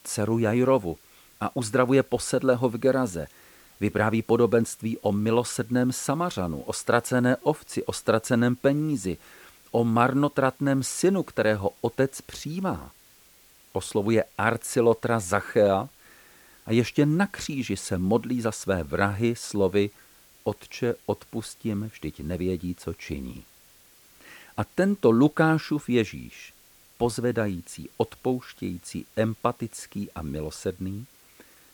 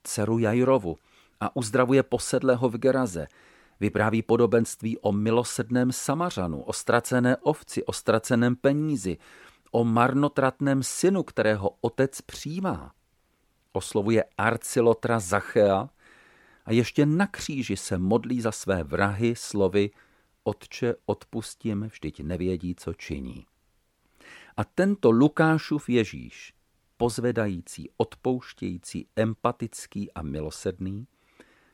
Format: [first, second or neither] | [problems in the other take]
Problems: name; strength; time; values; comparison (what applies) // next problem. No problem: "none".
second | hiss; faint; throughout; 25 dB below the speech